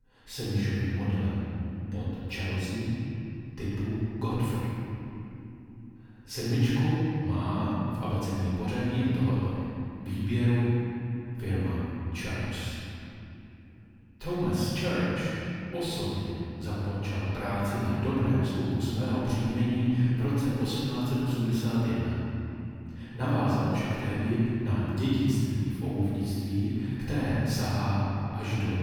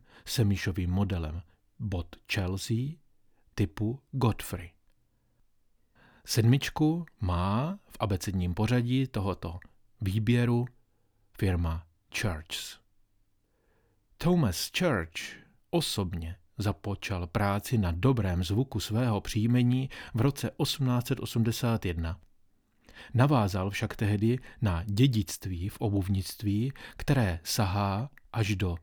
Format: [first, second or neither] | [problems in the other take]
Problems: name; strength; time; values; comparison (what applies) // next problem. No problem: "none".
second | off-mic speech; far // room echo; strong; dies away in 3 s